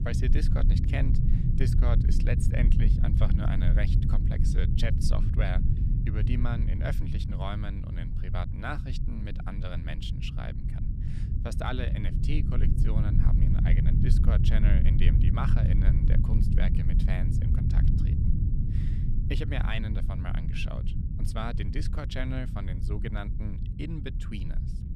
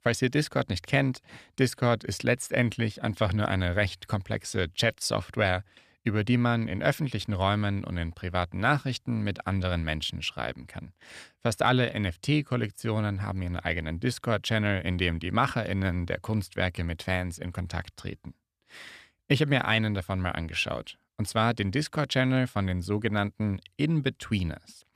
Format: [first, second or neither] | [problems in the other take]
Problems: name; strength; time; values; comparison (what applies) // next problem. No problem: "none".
second | low rumble; loud; throughout; 3 dB below the speech